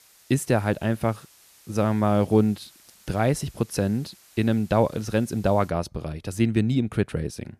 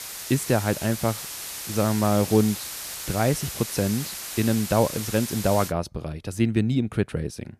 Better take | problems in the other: first | hiss; loud; until 5.5 s; 7 dB below the speech; faint in the first

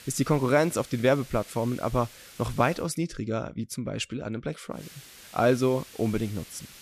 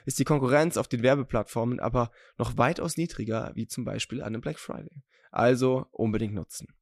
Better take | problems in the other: second | hiss; noticeable; until 3 s and from 5 s on; 20 dB below the speech

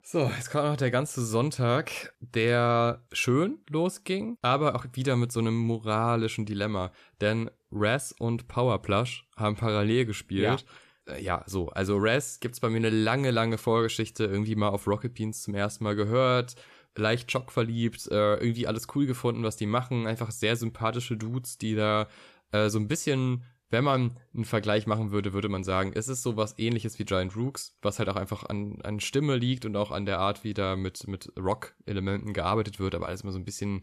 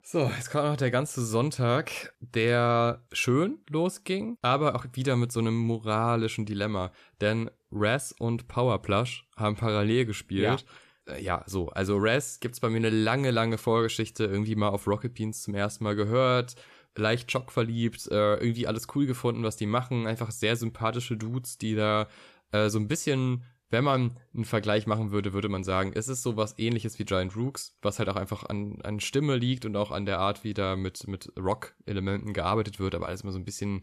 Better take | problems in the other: neither | none

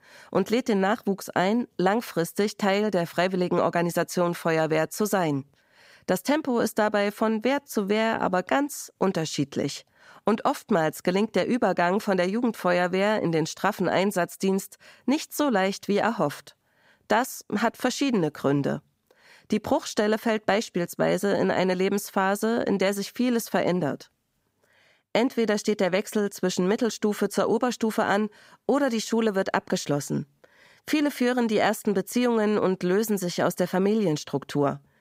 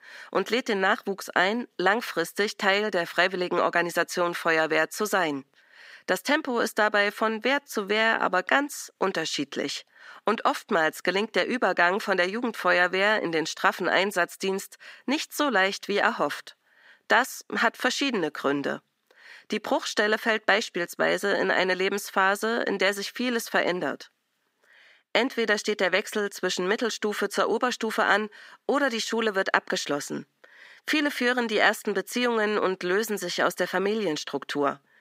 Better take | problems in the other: first | thin; very slightly; fading below 300 Hz

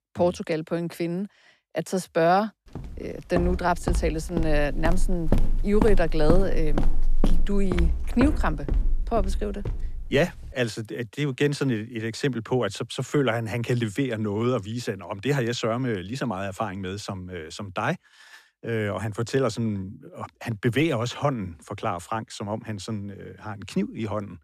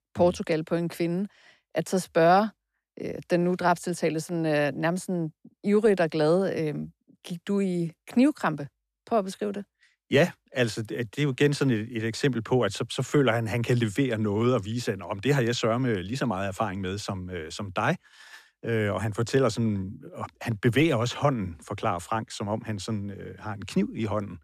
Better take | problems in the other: second | footsteps; loud; from 3.5 to 10 s; peak 1 dB above the speech

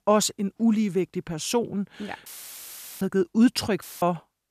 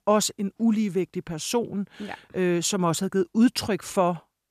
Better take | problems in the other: second | audio cutting out; filled with static; at 2.5 s for 1 s and at 4 s

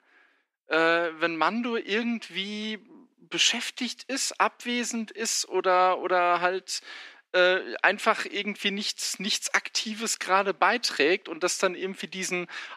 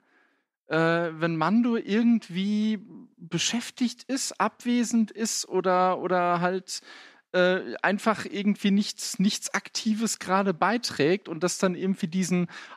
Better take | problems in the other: second | thin; somewhat; fading below 300 Hz

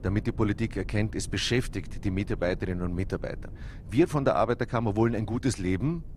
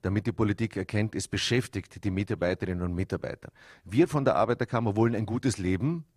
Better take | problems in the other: second | low rumble; faint; throughout; 25 dB below the speech

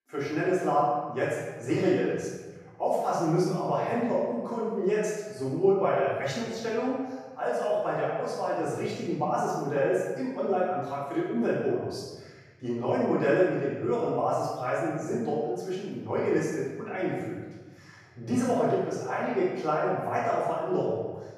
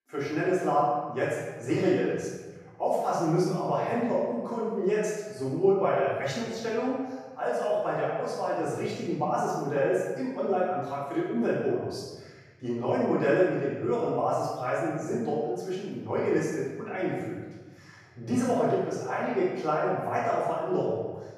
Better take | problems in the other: neither | off-mic speech; far; the same in both // room echo; strong; dies away in 1.3 s; the same in both

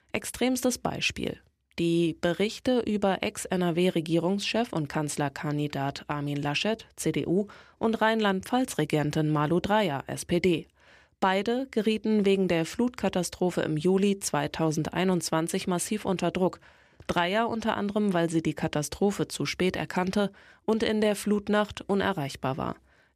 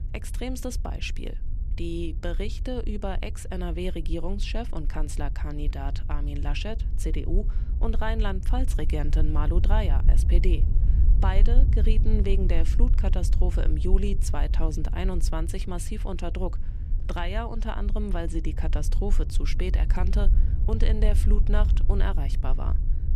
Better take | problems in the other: first | low rumble; noticeable; throughout; 10 dB below the speech

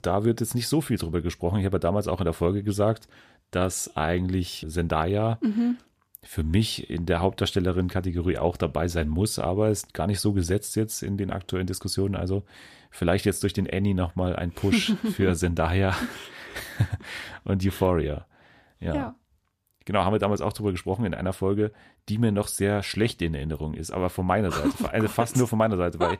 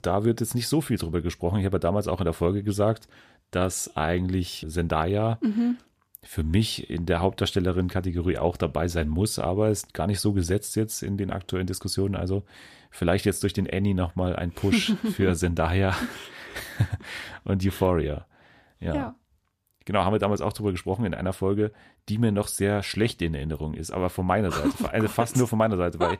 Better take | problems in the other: neither | none

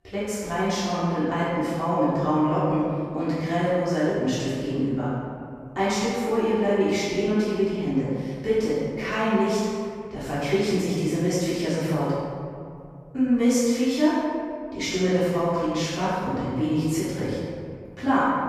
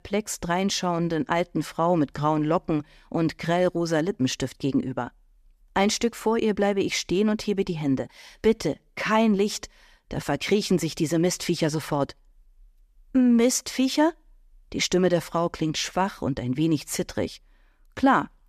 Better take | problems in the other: second | off-mic speech; far // room echo; strong; dies away in 2.2 s

